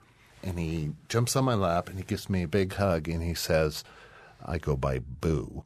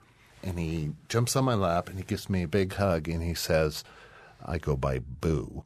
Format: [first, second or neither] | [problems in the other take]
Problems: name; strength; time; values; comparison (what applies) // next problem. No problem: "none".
neither | none